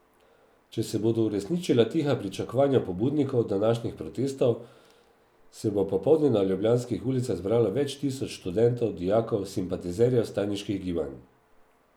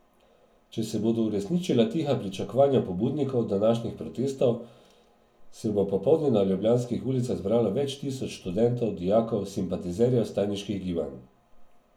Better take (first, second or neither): first